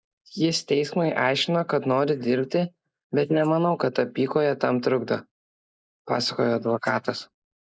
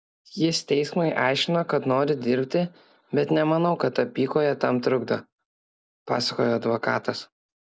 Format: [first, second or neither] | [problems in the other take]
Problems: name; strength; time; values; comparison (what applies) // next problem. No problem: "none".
second | noise reduction (neural mask model Resemble Enhance denoiser)